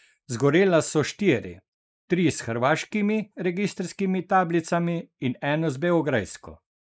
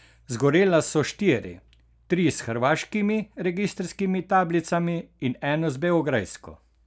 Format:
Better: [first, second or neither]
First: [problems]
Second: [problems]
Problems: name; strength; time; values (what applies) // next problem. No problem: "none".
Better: second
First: noise reduction (neural mask model Resemble Enhance denoiser)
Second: none